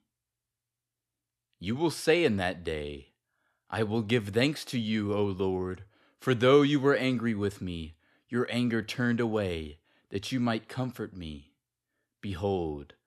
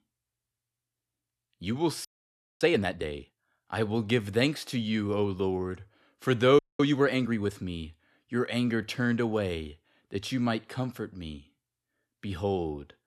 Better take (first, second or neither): first